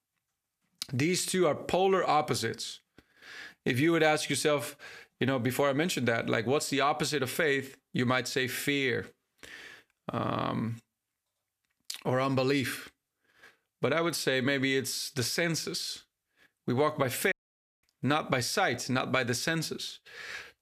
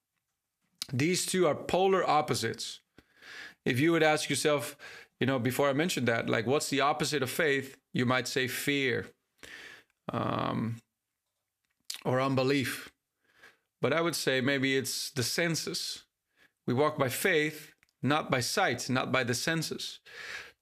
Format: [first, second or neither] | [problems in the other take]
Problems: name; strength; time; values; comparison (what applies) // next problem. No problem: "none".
second | audio cutting out; at 17 s for 0.5 s